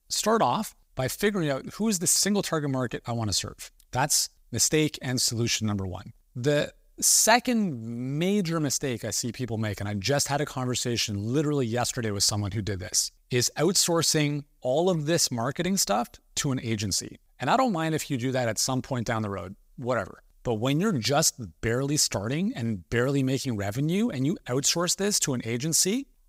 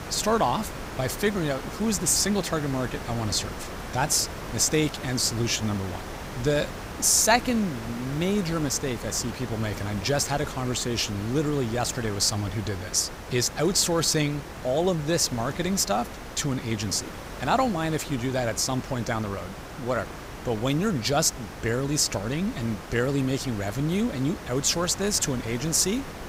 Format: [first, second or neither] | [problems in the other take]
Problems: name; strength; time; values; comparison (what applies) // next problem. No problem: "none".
first | hiss; noticeable; throughout; 10 dB below the speech